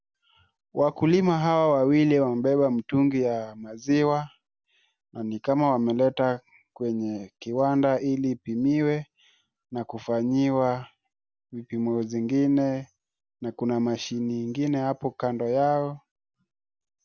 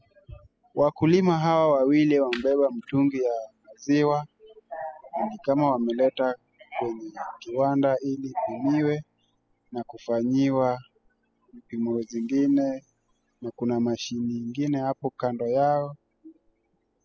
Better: first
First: none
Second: noise reduction (classical method spectral subtraction)

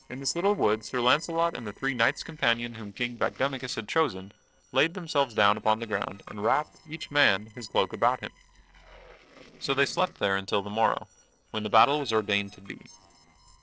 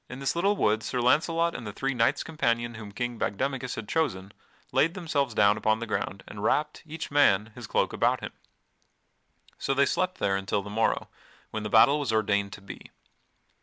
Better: second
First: noise reduction (neural separator model SepFormer DNS4)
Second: none

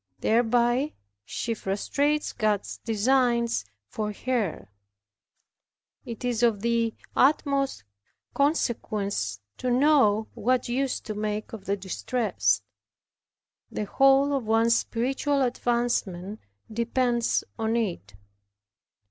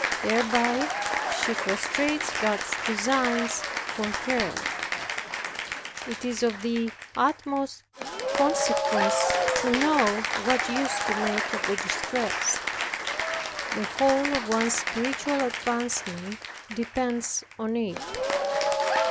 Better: first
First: none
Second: background sound (Applause / Cheering); as loud as the speech

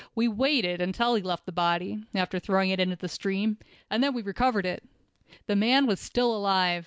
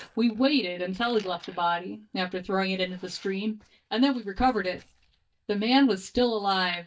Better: first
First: none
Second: noise reduction (neural mask model DeepFilterNet 3)

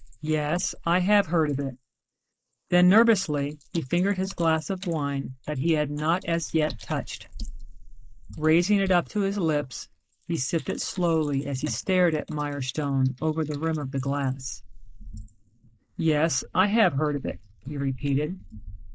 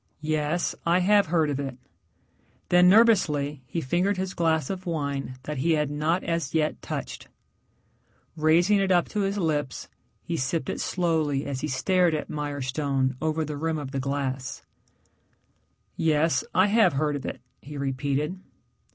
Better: second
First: noise reduction (neural mask model Resemble Enhance denoiser)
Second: none

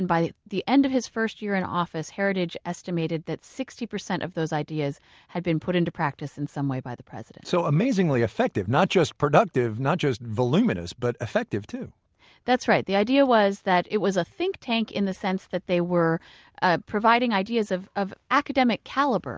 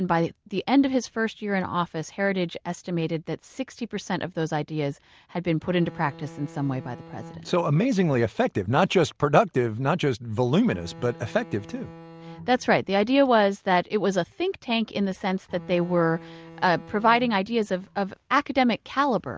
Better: first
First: none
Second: background sound (Bowed string instrument); 19 dB below the speech

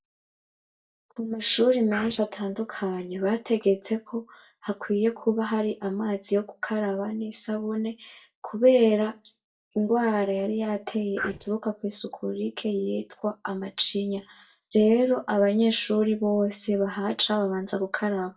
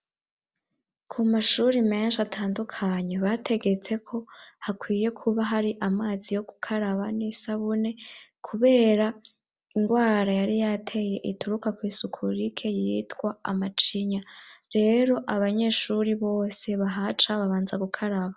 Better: second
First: noise reduction (neural mask model DeepFilterNet 3)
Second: none

